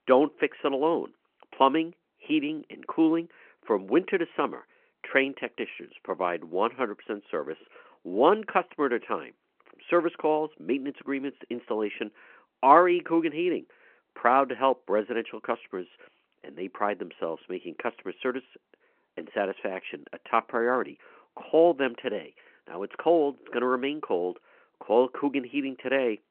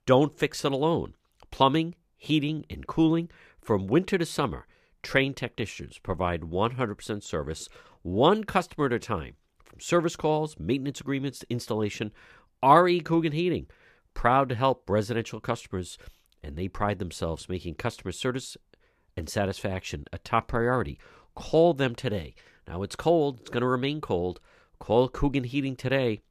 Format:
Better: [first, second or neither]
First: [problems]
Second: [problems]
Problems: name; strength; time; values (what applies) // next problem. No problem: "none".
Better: second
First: phone-call audio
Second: none